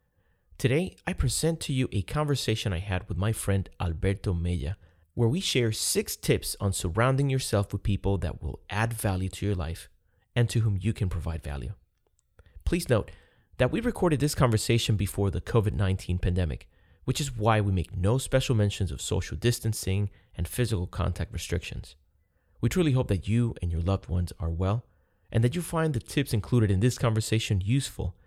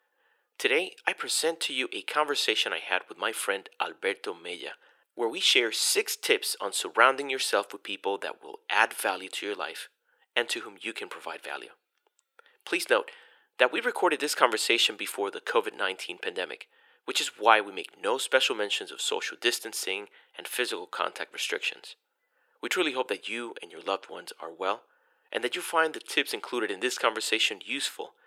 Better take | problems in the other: first | thin; very; fading below 350 Hz

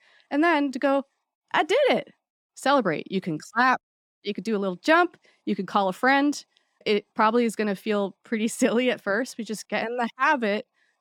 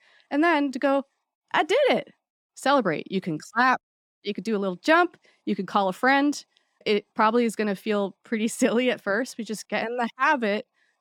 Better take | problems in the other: neither | none

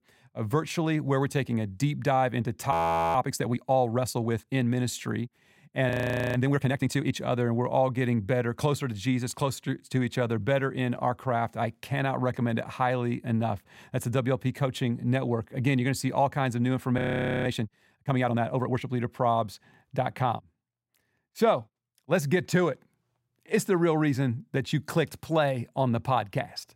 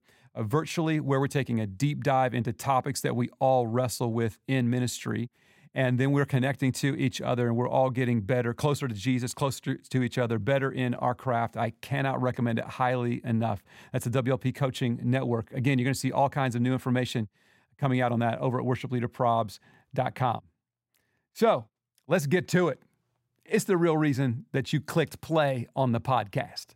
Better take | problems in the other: second | audio freezing; at 2.5 s, at 6 s and at 17 s

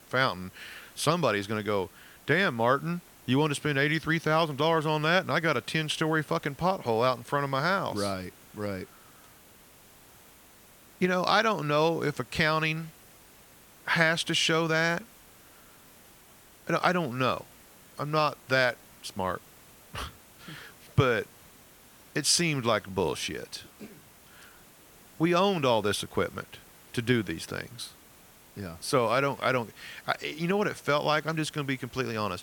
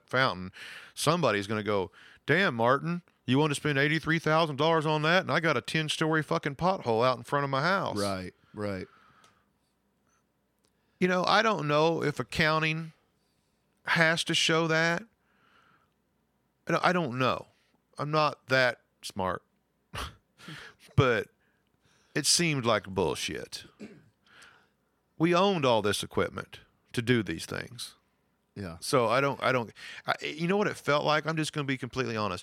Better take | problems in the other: second | hiss; faint; throughout; 25 dB below the speech

